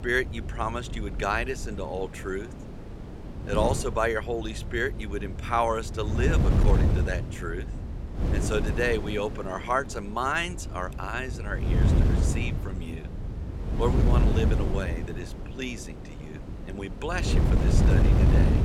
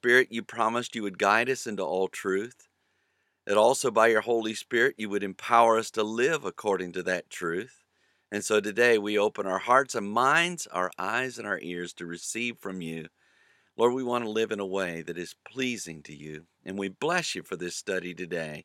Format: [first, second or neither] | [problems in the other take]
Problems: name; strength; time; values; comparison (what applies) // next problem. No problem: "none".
second | wind noise on the microphone; heavy; 8 dB below the speech